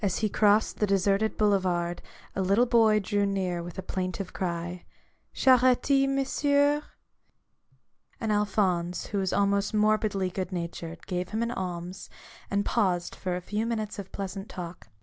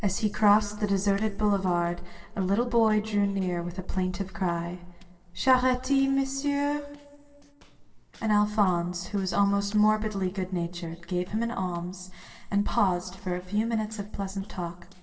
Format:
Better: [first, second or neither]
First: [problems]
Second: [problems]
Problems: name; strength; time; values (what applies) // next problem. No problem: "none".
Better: first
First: none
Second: noise reduction (neural separator model SepFormer DNS4)